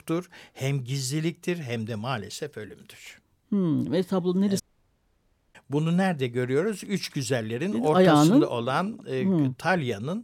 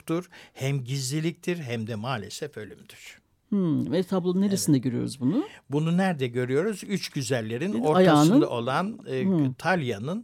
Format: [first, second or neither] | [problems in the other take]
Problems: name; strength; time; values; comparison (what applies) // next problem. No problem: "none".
second | audio cutting out; at 4.5 s for 1 s